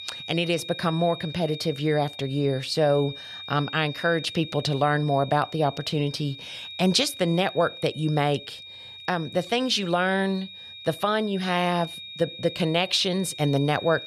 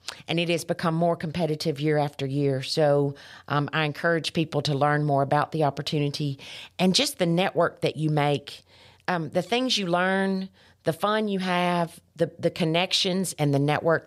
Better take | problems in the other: second | high-pitched whine; noticeable; throughout; 3.5 kHz, 15 dB below the speech

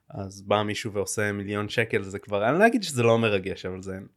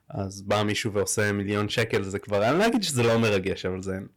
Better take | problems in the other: first | distortion; heavy; 11% of the sound clipped

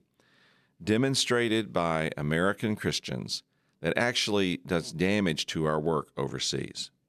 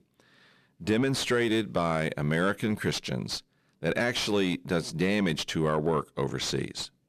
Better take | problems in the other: first | distortion; slight; 10 dB below the speech

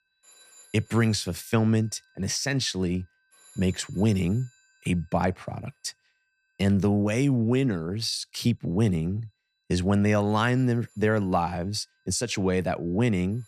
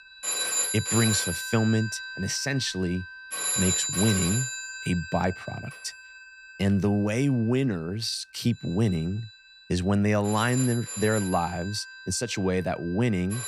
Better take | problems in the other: first | alarms or sirens; loud; throughout; 3 dB below the speech; faint in the first

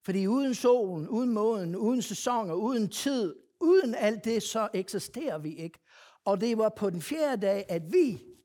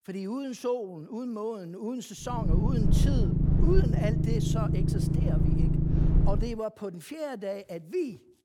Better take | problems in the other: first | low rumble; loud; from 2.5 to 6.5 s; 1 dB below the speech

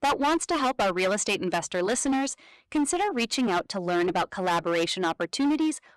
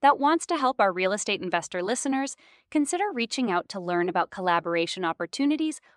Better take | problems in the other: second | distortion; heavy; 17% of the sound clipped

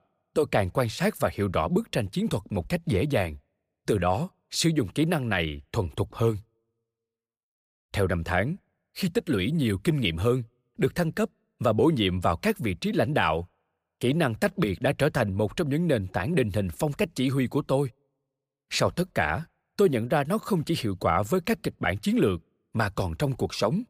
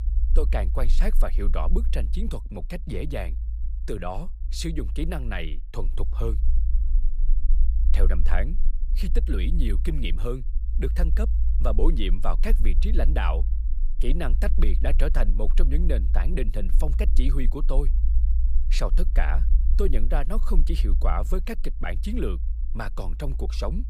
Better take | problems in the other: first | low rumble; noticeable; throughout; 15 dB below the speech

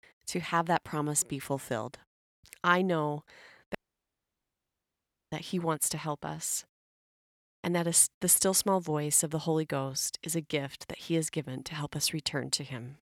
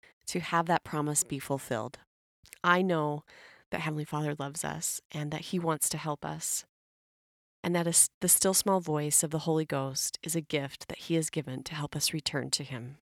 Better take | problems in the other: second | audio cutting out; at 4 s for 1.5 s

